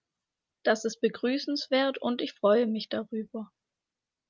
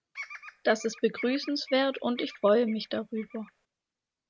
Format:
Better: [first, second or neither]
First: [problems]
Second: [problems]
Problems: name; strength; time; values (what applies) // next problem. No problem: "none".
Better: first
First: none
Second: background sound (Bird vocalization, bird call, bird song); 17 dB below the speech